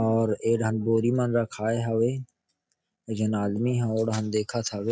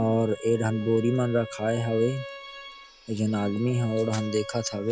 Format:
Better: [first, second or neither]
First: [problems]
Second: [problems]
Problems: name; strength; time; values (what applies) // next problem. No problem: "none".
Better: first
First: none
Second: background sound (Bowed string instrument); 15 dB below the speech